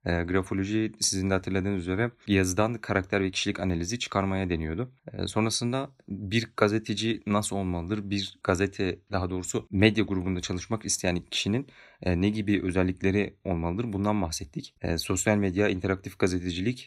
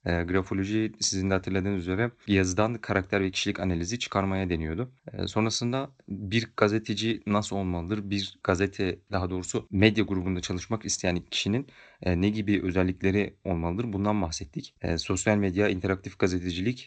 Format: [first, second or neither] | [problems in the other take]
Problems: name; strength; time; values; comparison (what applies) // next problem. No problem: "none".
first | garbled, watery; slightly; nothing above 7.5 kHz